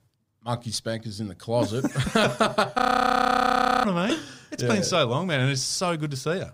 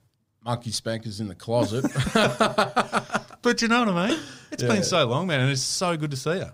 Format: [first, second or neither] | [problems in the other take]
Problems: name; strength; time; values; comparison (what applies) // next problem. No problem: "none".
second | audio freezing; at 3 s for 1 s